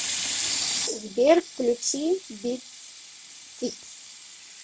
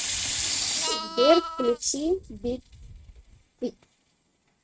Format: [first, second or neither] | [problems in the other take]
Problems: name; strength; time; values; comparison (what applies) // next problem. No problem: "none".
first | noise reduction (neural mask model RNNoise)